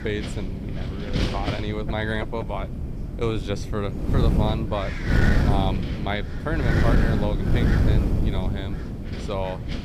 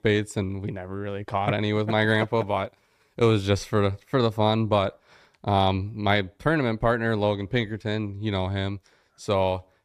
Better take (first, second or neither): second